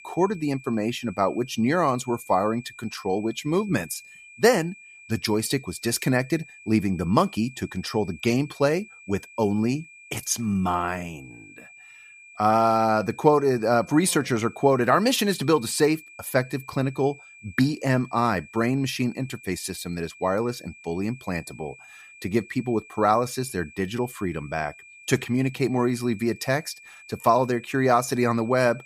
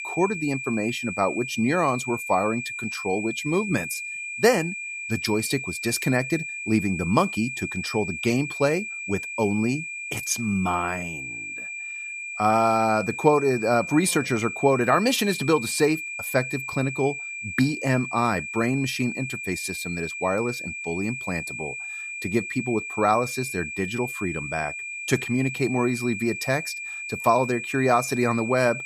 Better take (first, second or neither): first